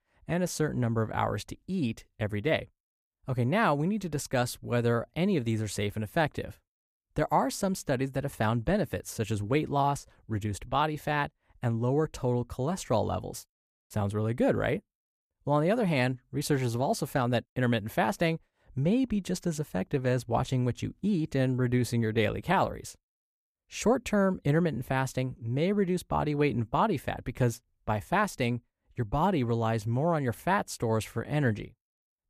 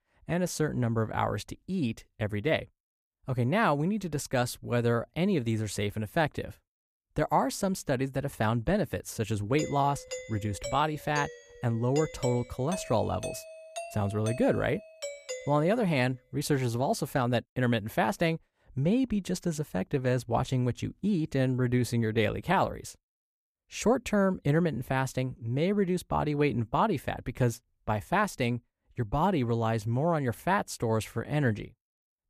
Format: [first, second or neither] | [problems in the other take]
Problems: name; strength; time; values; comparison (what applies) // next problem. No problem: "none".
first | doorbell; noticeable; from 9.5 to 16 s; peak 8 dB below the speech